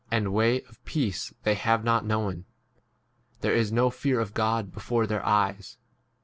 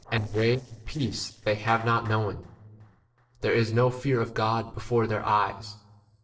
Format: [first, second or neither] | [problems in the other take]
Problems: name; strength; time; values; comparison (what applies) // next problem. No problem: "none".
first | noise reduction (neural separator model SepFormer DNS4)